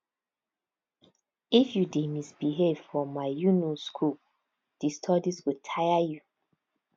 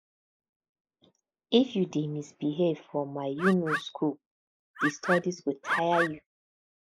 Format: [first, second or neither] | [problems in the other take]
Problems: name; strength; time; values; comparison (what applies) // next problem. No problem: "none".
first | noise reduction (neural mask model Resemble Enhance denoiser)